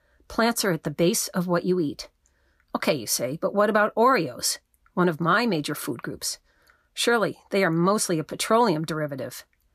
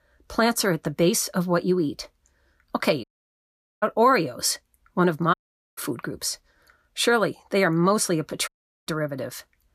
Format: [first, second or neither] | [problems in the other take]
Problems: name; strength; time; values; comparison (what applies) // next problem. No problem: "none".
first | audio cutting out; at 3 s for 1 s, at 5.5 s and at 8.5 s